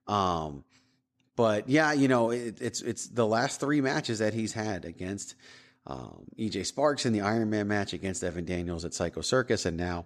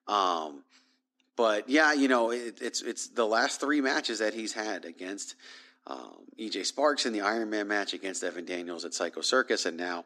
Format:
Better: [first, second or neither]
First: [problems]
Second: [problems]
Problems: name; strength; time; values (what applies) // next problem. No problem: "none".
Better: first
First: none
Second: thin; very slightly; fading below 250 Hz